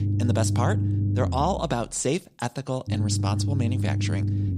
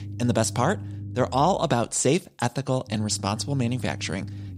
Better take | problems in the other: second | low rumble; loud; throughout; 8 dB below the speech; faint in the second

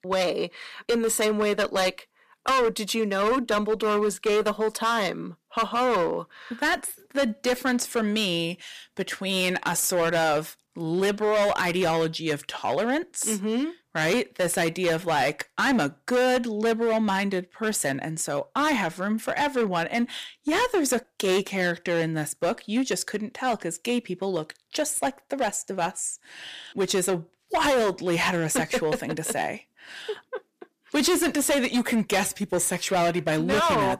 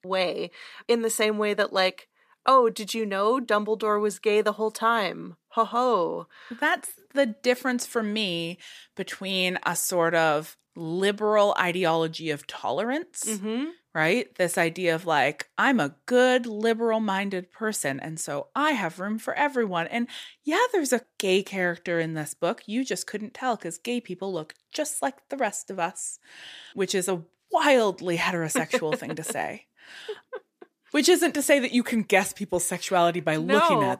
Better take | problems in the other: second | distortion; heavy; 12% of the sound clipped

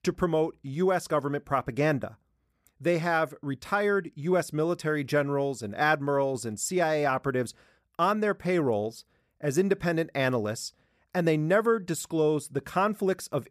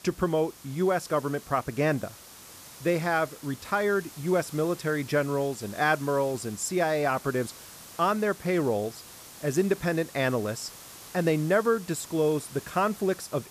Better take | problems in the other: first | hiss; noticeable; throughout; 15 dB below the speech

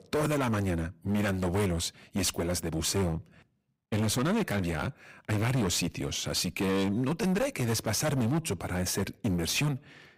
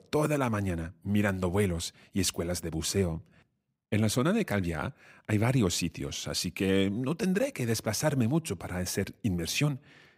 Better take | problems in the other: second | distortion; heavy; 17% of the sound clipped

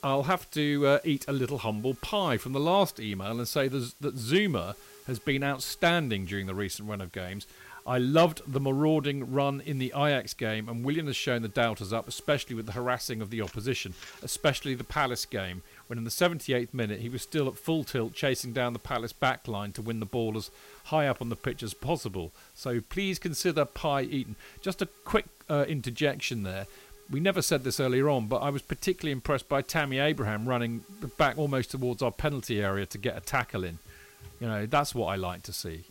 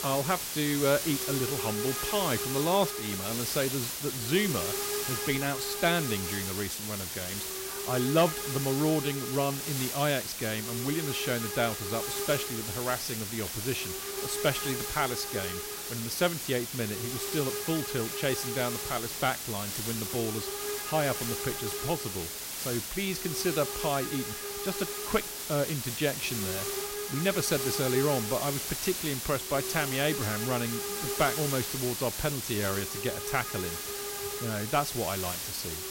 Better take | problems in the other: first | hiss; loud; throughout; 1 dB below the speech; faint in the first

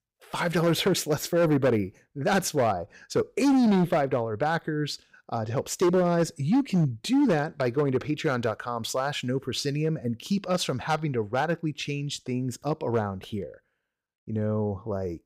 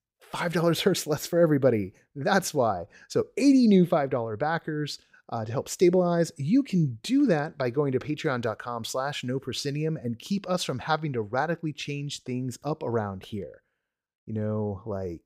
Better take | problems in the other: second | distortion; slight; 6% of the sound clipped

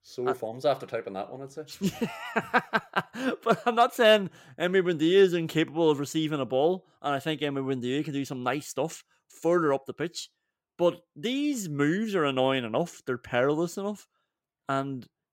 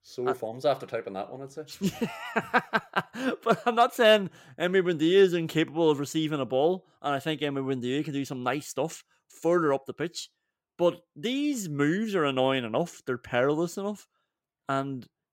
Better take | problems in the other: neither | none

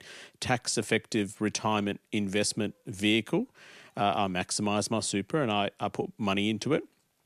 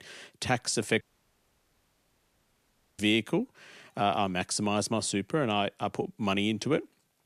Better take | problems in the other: first | audio cutting out; at 1 s for 2 s

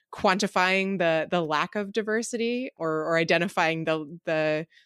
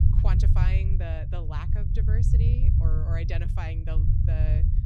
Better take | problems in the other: first | low rumble; loud; throughout; as loud as the speech

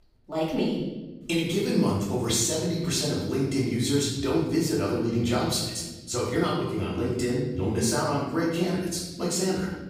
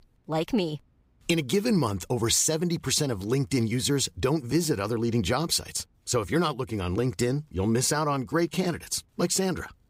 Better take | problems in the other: second | off-mic speech; far // room echo; noticeable; dies away in 1 s

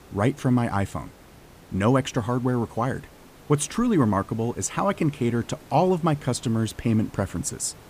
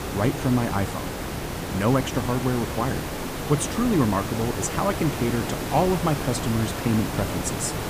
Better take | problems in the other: first | hiss; loud; throughout; 4 dB below the speech; faint in the first

